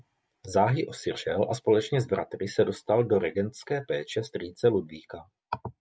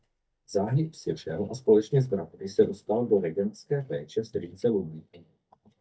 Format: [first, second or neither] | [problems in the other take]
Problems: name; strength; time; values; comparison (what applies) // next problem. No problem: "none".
first | noise reduction (neural mask model DeepFilterNet 3)